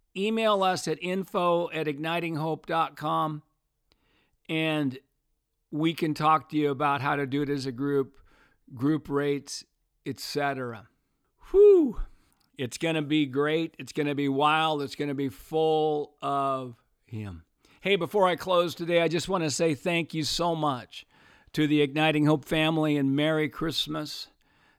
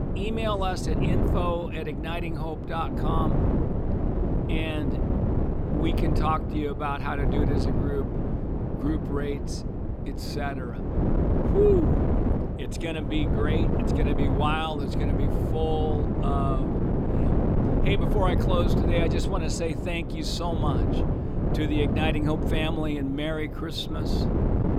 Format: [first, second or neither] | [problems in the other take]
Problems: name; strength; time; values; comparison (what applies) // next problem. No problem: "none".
first | wind noise on the microphone; heavy; 3 dB below the speech